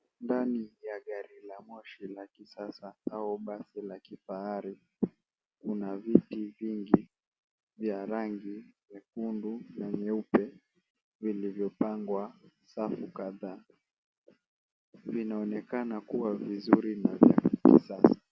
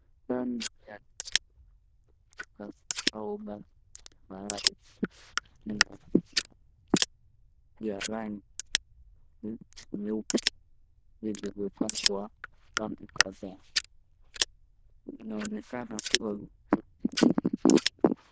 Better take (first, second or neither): first